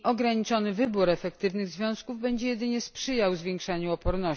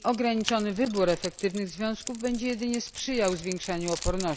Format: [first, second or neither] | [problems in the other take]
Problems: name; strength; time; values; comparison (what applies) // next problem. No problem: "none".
first | background sound (Keys jangling); 13 dB below the speech